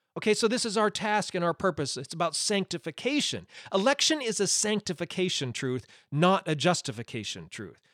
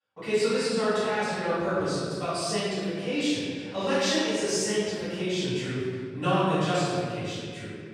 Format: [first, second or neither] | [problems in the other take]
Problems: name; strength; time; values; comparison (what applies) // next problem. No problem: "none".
first | off-mic speech; far // room echo; strong; dies away in 1.9 s